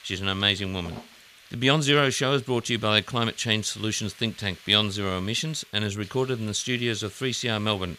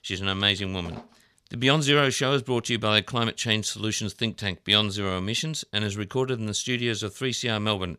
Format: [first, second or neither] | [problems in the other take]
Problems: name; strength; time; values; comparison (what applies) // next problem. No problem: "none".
second | hiss; faint; throughout; 25 dB below the speech